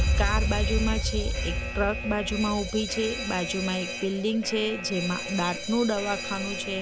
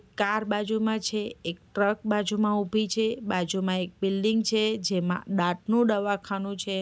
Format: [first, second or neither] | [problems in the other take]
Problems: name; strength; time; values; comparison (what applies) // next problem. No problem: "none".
second | background sound (Alarm); 1 dB below the speech